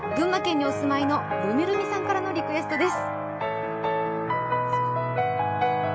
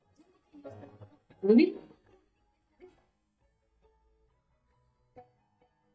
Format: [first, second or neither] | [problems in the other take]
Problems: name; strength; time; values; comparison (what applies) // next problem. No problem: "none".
first | noise reduction (neural mask model DeepFilterNet 3)